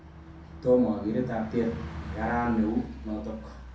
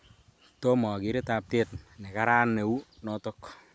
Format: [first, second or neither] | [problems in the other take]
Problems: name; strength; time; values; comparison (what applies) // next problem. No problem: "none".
second | background sound (Bus); 12 dB below the speech // room echo; dies away in 0.5 s